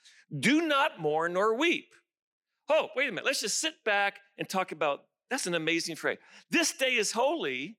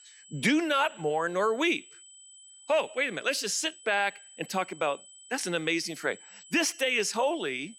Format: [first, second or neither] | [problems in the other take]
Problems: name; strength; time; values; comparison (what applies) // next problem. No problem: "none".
first | high-pitched whine; faint; throughout; 8 kHz, 20 dB below the speech